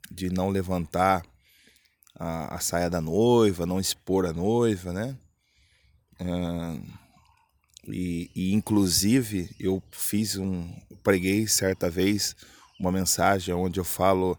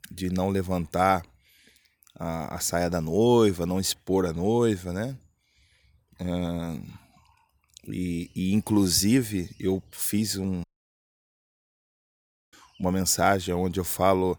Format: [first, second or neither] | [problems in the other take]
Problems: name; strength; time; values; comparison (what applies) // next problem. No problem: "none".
first | audio cutting out; at 11 s for 2 s